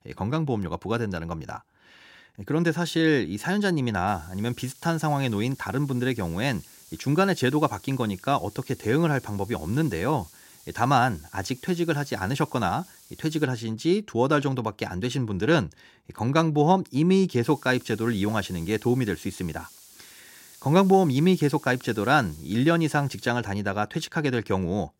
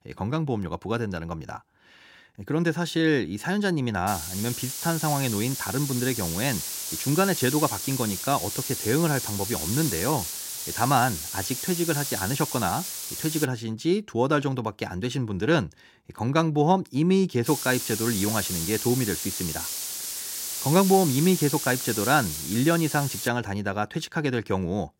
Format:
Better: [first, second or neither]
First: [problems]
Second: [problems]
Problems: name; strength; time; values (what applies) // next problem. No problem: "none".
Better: first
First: hiss; faint; from 4 to 13 s and from 17 to 23 s; 25 dB below the speech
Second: hiss; loud; from 4 to 13 s and from 17 to 23 s; 4 dB below the speech